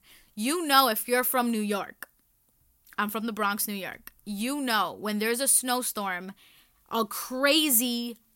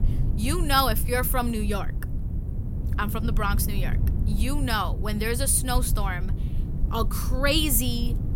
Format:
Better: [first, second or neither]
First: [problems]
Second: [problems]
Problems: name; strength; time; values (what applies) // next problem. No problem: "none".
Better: first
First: none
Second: low rumble; noticeable; throughout; 15 dB below the speech